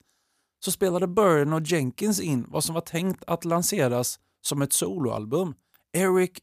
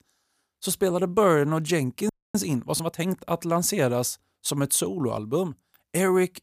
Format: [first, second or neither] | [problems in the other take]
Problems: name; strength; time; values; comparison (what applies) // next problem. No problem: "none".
first | audio freezing; at 2 s